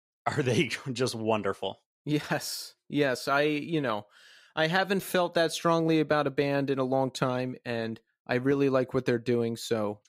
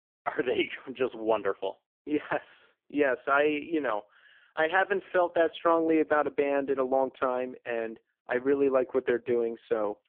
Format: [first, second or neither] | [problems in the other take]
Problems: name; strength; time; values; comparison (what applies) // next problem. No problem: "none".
first | phone-call audio; poor line; nothing above 3.5 kHz